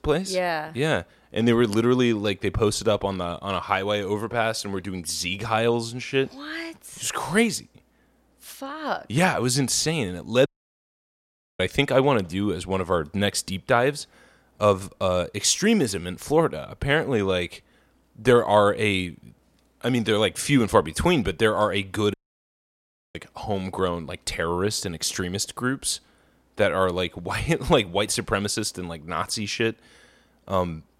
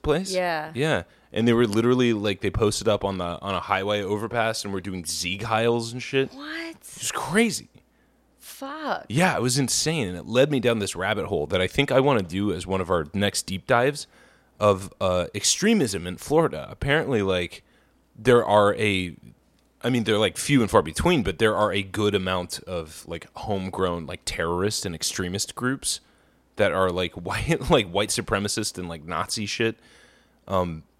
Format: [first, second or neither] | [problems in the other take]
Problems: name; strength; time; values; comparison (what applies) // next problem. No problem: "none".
second | audio cutting out; at 10 s for 1 s and at 22 s for 1 s